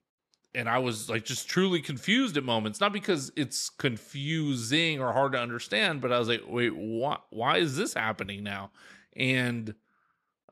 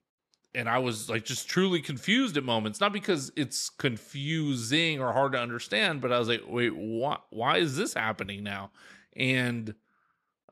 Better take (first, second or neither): neither